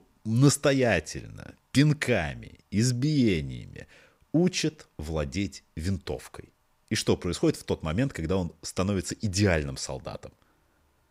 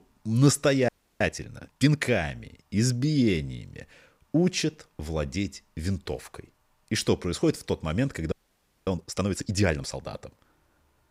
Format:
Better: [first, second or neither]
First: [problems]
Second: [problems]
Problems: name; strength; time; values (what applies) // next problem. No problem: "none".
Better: first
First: none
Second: audio freezing; at 1 s and at 8.5 s for 0.5 s